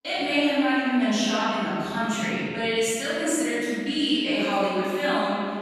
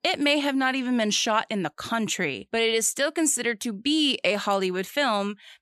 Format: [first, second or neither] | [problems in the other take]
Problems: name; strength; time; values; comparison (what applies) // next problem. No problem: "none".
second | off-mic speech; far // room echo; strong; dies away in 2.3 s